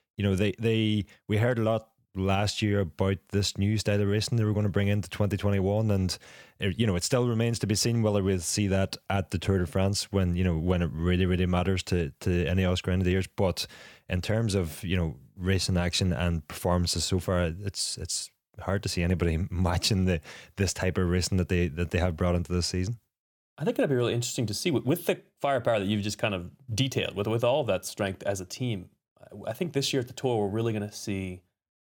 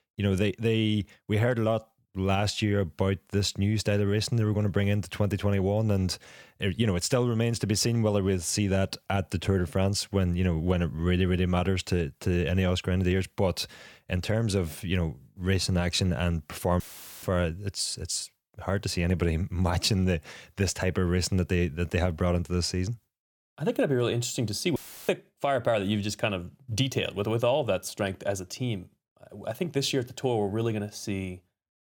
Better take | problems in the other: first | audio cutting out; filled with static; at 17 s and at 25 s

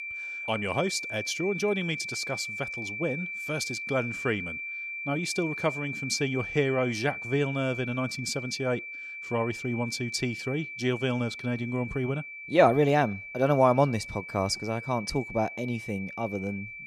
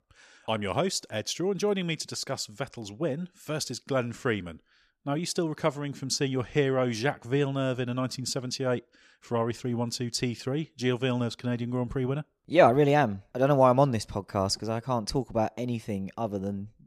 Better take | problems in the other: second | high-pitched whine; loud; throughout; 2.5 kHz, 7 dB below the speech

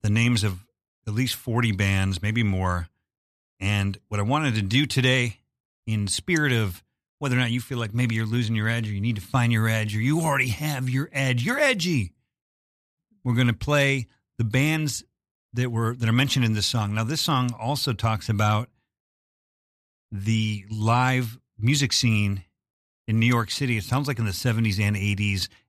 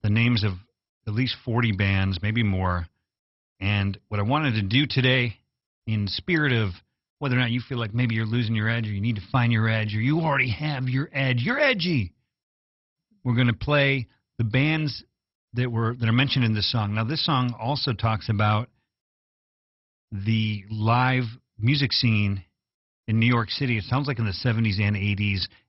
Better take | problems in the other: first | garbled, watery; badly; nothing above 5.5 kHz

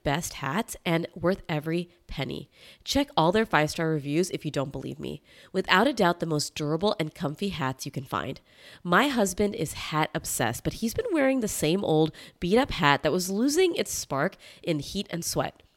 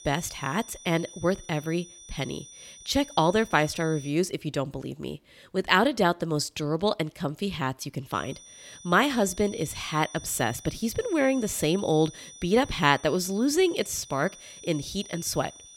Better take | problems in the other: first | high-pitched whine; noticeable; until 4 s and from 8 s on; 6 kHz, 20 dB below the speech

